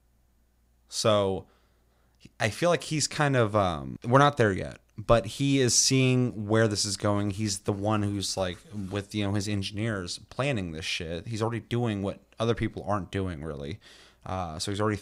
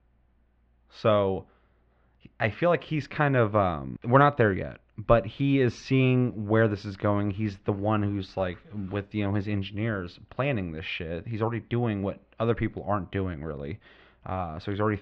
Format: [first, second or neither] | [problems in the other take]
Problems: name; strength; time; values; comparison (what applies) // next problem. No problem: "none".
first | muffled; very; fading above 3 kHz